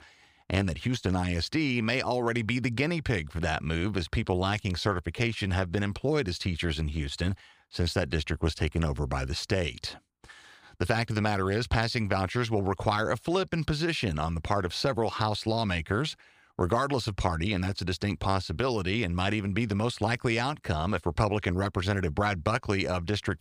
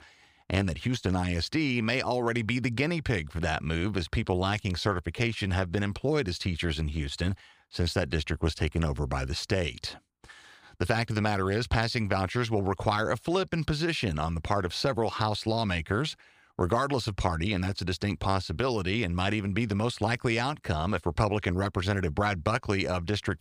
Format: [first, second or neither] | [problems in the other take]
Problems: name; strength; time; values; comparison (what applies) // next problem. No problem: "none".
neither | none